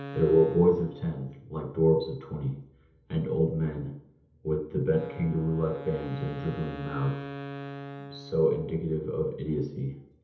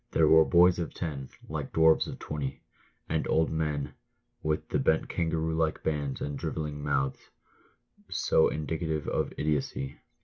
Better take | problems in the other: second | background sound (Wind instrument, woodwind instrument); 15 dB below the speech // room echo; dies away in 0.8 s

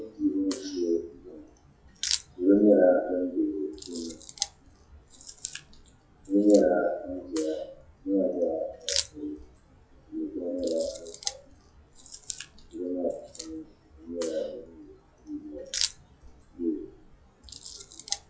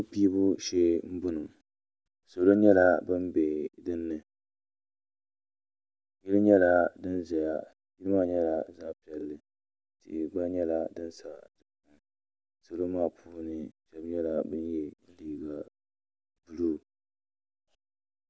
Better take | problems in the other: second | noise reduction (classical method WPE with log-MMSE)

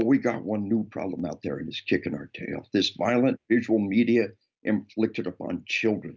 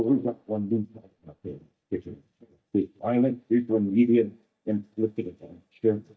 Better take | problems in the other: first | noise reduction (neural mask model DeepFilterNet 3)

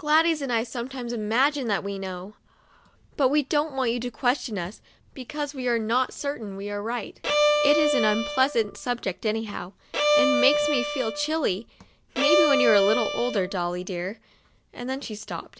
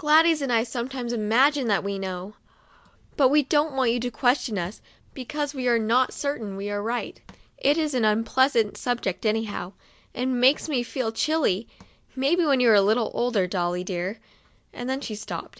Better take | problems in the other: second | background sound (Bowed string instrument); 2 dB above the speech

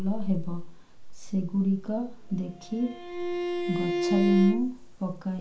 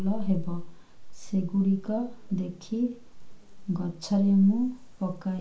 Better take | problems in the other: second | background sound (Bowed string instrument); 3 dB below the speech

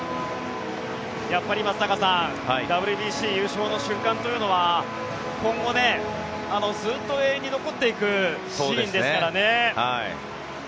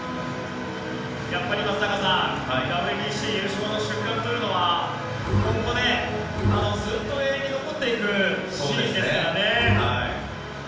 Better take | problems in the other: first | background sound (Bowed string instrument); 2 dB below the speech // room echo; dies away in 0.7 s

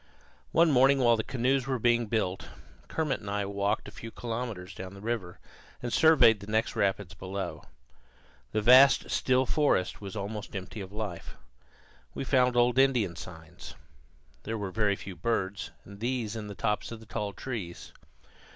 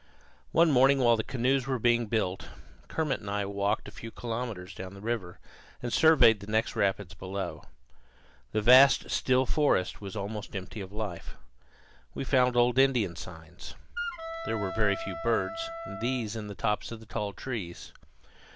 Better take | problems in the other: first | background sound (Wind instrument, woodwind instrument); 9 dB below the speech

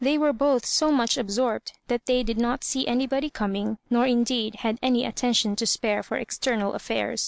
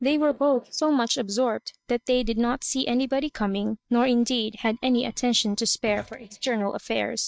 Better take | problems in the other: first | noise reduction (neural mask model DeepFilterNet 3)

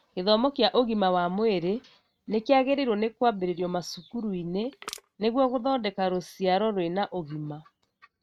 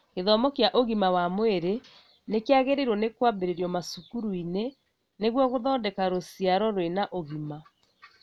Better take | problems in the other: second | noise reduction (neural mask model RNNoise)

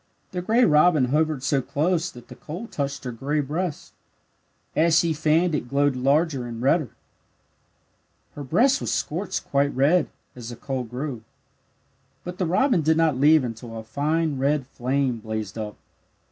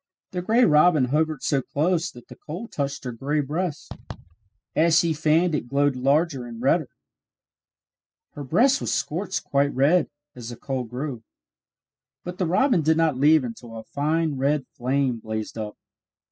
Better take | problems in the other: first | noise reduction (classical method spectral subtraction)

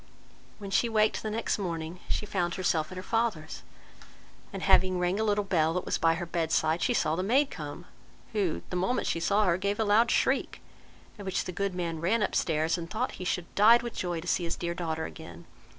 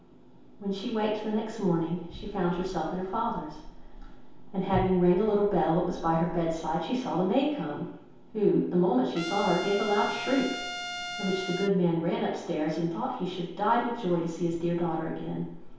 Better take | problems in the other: first | background sound (Trumpet); 8 dB below the speech // room echo; dies away in 0.8 s

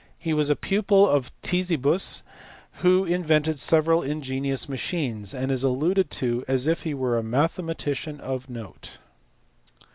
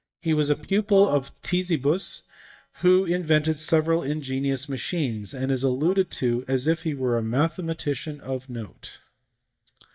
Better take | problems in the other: first | noise reduction (neural mask model DeepFilterNet 3)

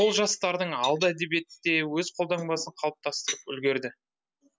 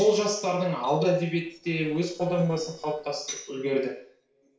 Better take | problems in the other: first | noise reduction (neural separator model SepFormer DNS4)

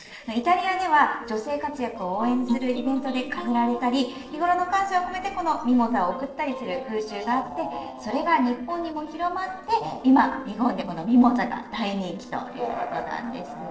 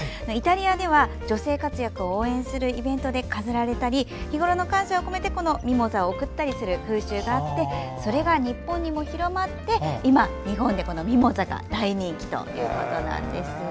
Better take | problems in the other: second | noise reduction (neural separator model SepFormer DNS4)

